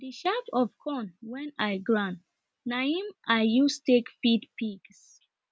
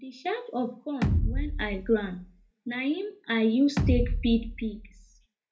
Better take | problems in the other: first | background sound (Bass drum); as loud as the speech // room echo; dies away in 0.3 s

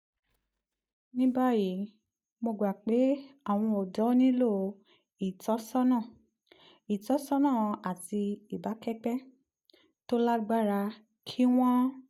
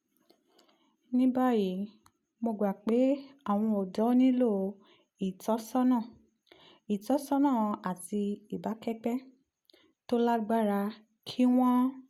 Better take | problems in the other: second | noise reduction (neural mask model DeepFilterNet 3)

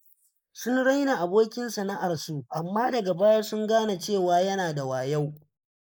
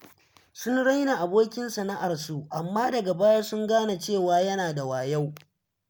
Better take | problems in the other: second | noise reduction (neural mask model Resemble Enhance denoiser)

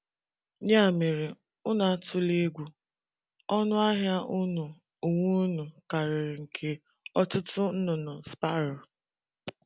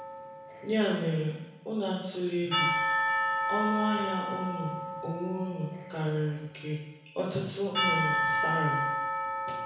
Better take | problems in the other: first | background sound (Church bell / Percussion); as loud as the speech // room echo; dies away in 1 s

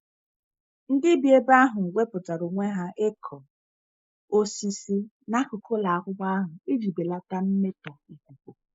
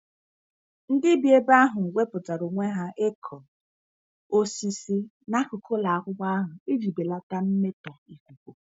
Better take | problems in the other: second | noise reduction (neural mask model Resemble Enhance denoiser)

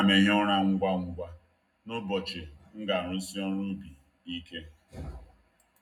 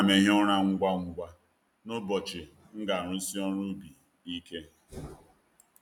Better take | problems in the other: second | room echo; dies away in 0.3 s

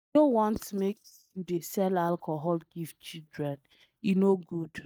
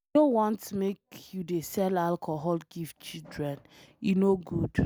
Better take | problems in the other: second | noise reduction (neural mask model DeepFilterNet 3)

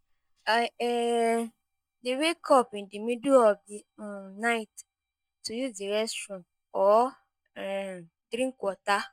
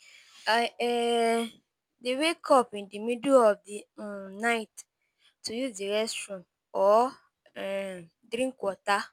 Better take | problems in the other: second | noise reduction (neural mask model DeepFilterNet 3)

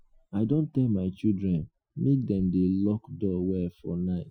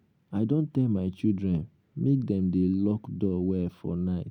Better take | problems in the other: second | noise reduction (classical method Wiener filter)

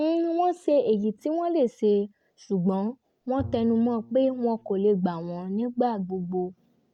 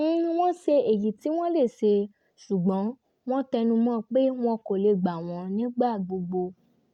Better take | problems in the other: second | background sound (Bowed string instrument); 19 dB below the speech

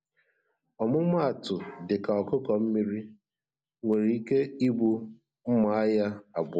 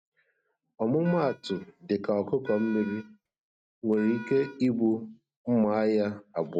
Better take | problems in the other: first | noise reduction (neural mask model RNNoise)

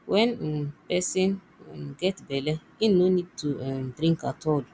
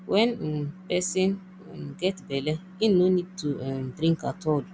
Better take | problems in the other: first | background sound (Organ); 19 dB below the speech

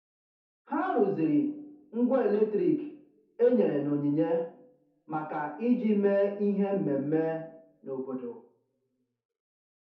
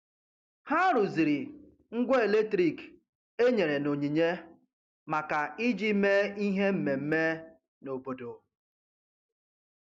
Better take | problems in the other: second | room echo; dies away in 0.5 s

